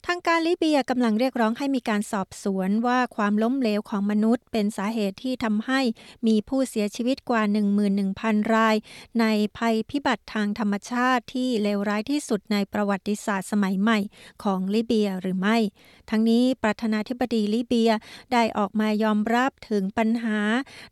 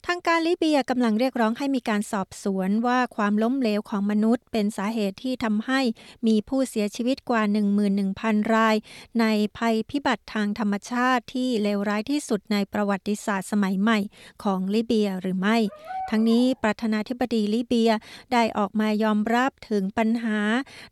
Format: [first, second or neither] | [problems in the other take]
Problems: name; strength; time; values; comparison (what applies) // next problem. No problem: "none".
first | dog barking; noticeable; at 16 s; peak 10 dB below the speech